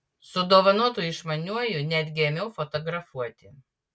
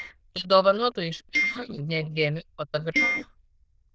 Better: first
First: none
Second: noise reduction (neural diffusion model UNIVERSE++)

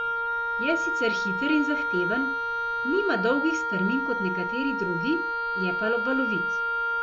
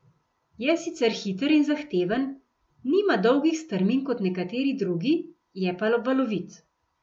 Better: second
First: background sound (Wind instrument, woodwind instrument); 1 dB above the speech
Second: none

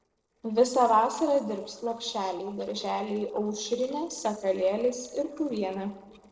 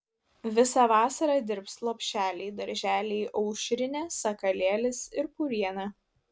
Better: second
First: noise reduction (neural separator model SepFormer DNS4)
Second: none

